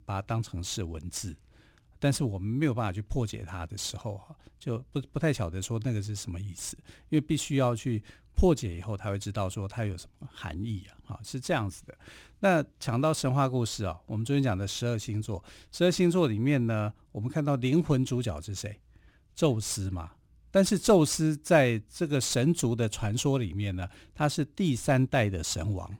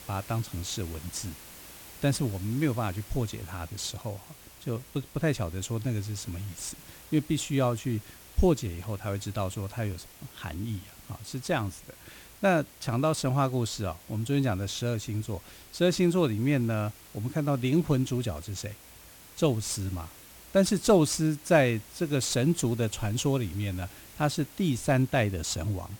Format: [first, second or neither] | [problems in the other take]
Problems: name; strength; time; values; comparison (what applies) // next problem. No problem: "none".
first | hiss; noticeable; throughout; 20 dB below the speech